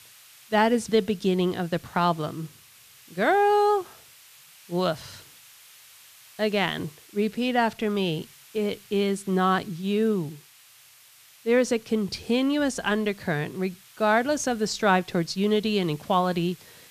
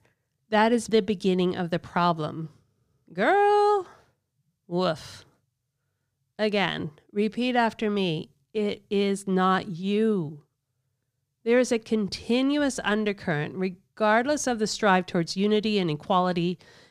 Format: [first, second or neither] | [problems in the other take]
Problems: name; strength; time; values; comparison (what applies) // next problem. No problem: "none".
second | hiss; faint; throughout; 25 dB below the speech